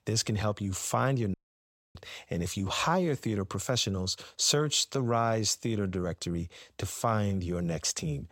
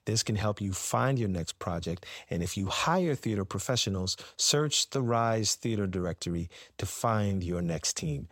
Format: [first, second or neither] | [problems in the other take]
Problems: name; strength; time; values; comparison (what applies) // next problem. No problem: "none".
second | audio cutting out; at 1.5 s for 0.5 s